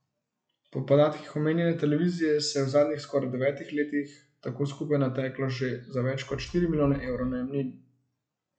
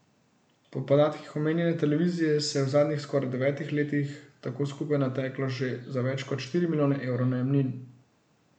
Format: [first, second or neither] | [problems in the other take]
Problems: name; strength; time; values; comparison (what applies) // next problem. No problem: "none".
second | noise reduction (classical method log-MMSE)